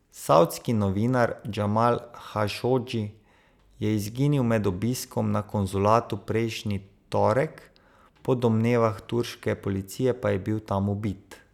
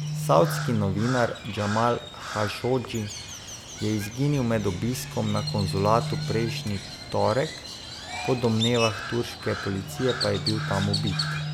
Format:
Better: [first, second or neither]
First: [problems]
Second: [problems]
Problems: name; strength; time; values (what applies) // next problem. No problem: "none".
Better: first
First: none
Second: background sound (Crow); 6 dB below the speech